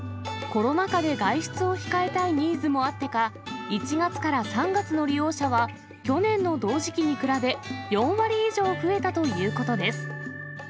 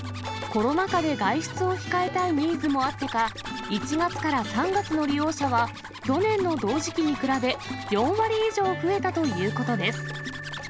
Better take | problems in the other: first | background sound (Zipper (clothing)); 16 dB below the speech

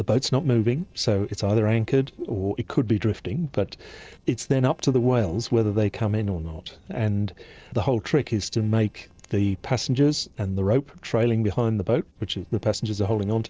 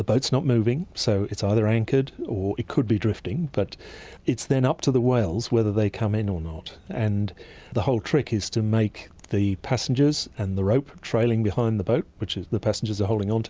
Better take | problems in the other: second | noise reduction (neural separator model SepFormer DNS4)

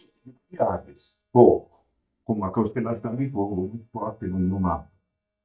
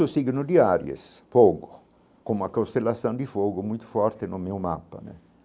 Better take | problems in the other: second | noise reduction (neural mask model DeepFilterNet 3)

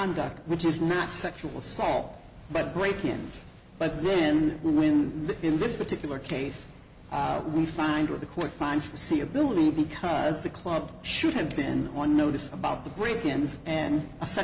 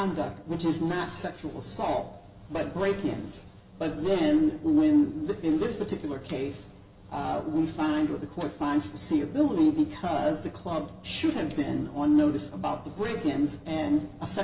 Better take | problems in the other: first | room echo; dies away in 0.4 s

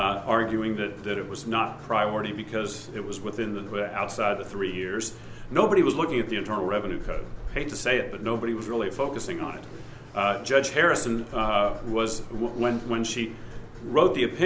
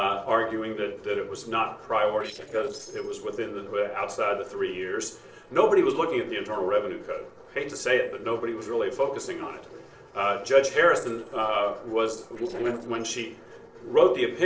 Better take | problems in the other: first | noise reduction (neural separator model SepFormer DNS4)

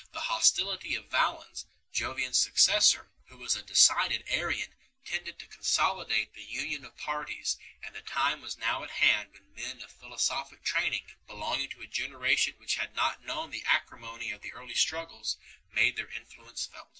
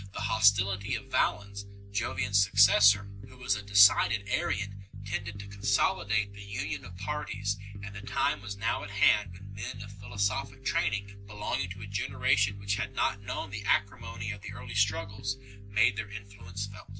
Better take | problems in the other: first | background sound (Bass guitar); 9 dB below the speech

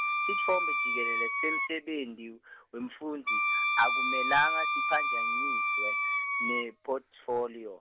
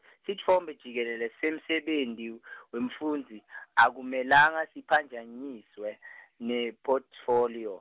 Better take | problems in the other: second | background sound (Wind instrument, woodwind instrument); 4 dB above the speech

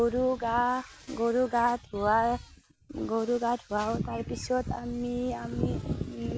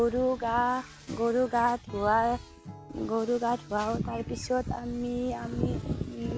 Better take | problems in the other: first | background sound (Acoustic guitar / Strum); 19 dB below the speech

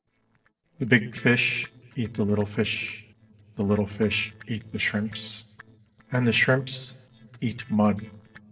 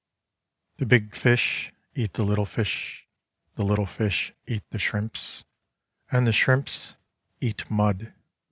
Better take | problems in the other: second | noise reduction (neural separator model SepFormer DNS4)

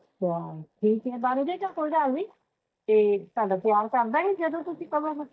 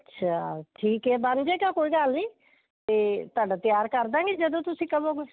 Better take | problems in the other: second | noise reduction (neural mask model DeepFilterNet 3)

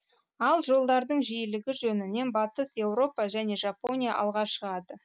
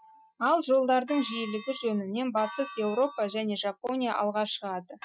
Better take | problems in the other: first | noise reduction (classical method Wiener filter)

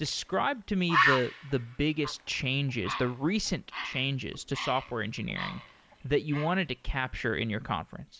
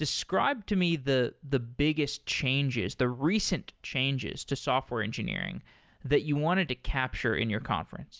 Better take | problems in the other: second | background sound (Bird); 5 dB below the speech

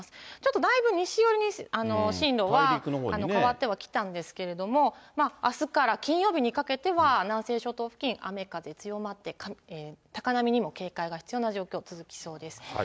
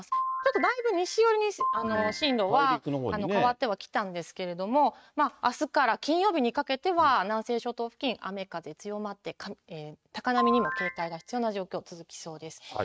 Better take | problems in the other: first | noise reduction (neural mask model RNNoise)

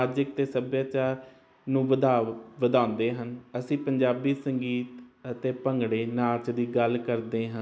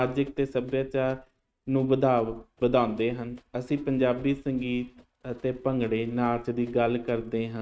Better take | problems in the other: first | noise reduction (neural mask model RNNoise)

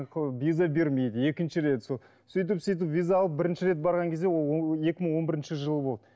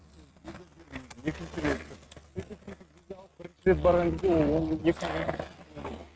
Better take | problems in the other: first | noise reduction (neural mask model RNNoise)

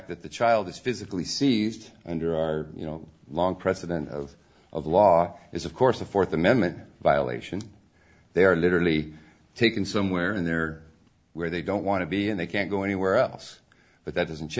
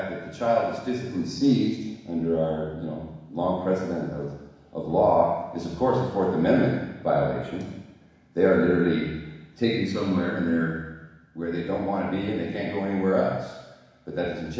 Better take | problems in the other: first | room echo; dies away in 1.1 s

